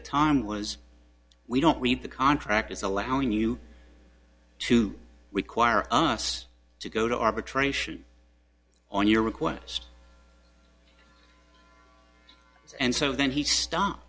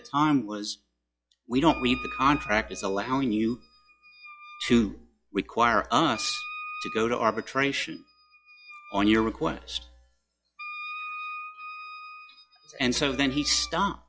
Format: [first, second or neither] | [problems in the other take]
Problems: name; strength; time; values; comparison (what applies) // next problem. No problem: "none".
first | noise reduction (classical method log-MMSE)